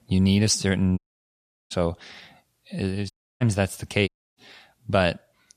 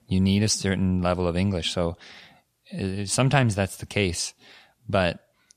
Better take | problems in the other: second | audio cutting out; at 1 s for 0.5 s, at 3 s and at 4 s

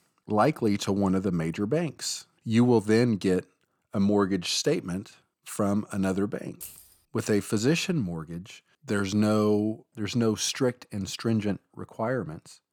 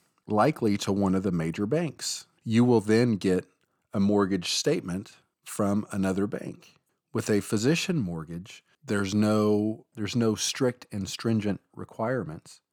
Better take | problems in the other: second | jangling keys; faint; at 6.5 s; peak 15 dB below the speech

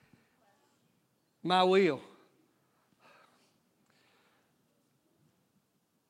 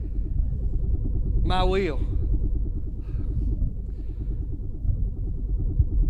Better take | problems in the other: first | low rumble; noticeable; throughout; 15 dB below the speech

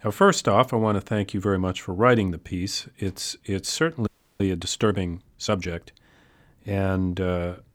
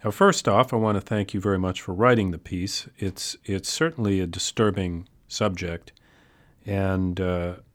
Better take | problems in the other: second | audio freezing; at 4 s

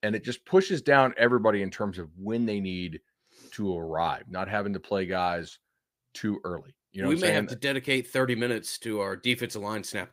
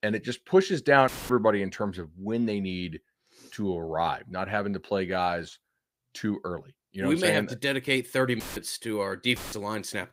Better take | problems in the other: first | audio cutting out; filled with static; at 1 s, at 8.5 s and at 9.5 s

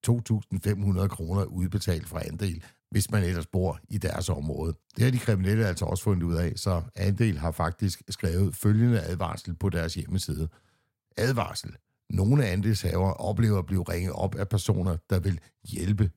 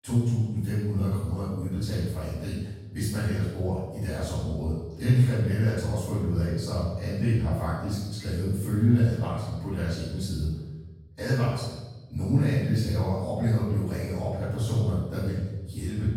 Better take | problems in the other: first | off-mic speech; far // room echo; strong; dies away in 1 s

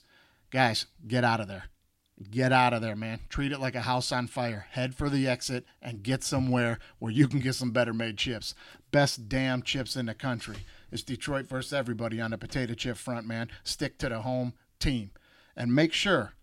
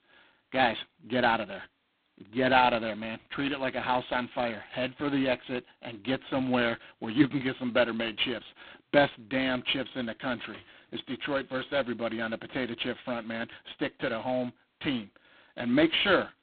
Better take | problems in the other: first | phone-call audio; poor line; nothing above 4 kHz

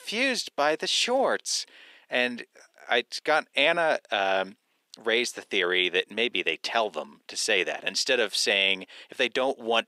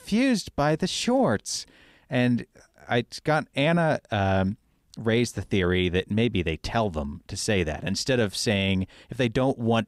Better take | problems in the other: second | thin; very; fading below 400 Hz

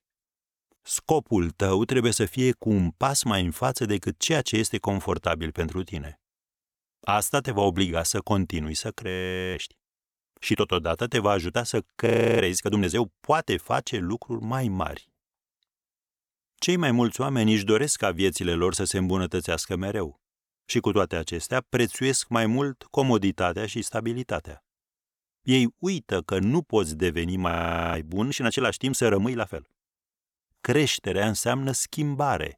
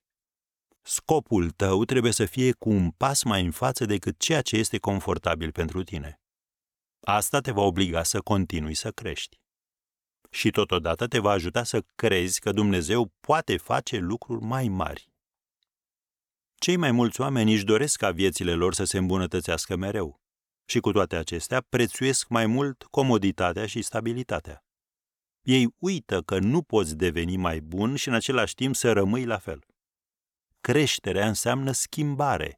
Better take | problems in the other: second | audio freezing; at 9 s, at 12 s and at 28 s

